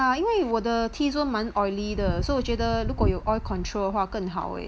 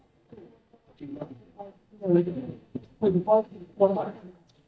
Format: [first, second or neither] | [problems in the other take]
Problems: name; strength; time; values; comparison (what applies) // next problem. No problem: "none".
first | noise reduction (neural mask model DeepFilterNet 3)